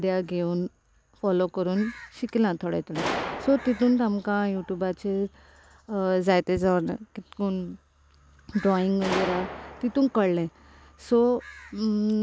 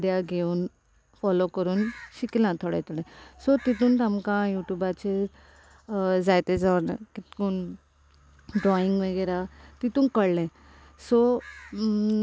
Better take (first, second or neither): second